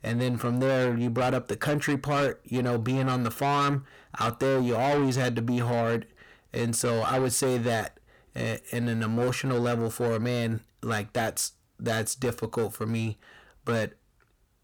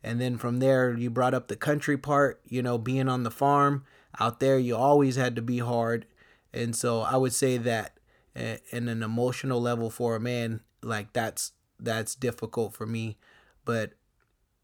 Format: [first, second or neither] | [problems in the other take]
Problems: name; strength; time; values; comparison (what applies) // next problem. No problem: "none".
second | distortion; heavy; 8 dB below the speech